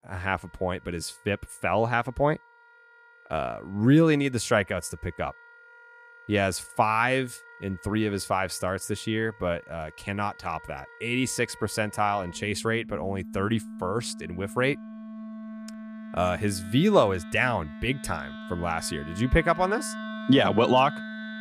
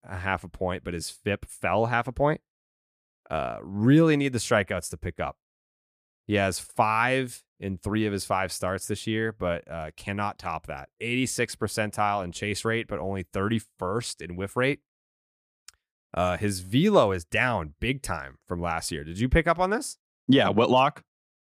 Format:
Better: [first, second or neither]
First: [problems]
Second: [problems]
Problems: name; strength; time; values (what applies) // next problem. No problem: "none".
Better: second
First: background music; noticeable; throughout; 15 dB below the speech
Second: none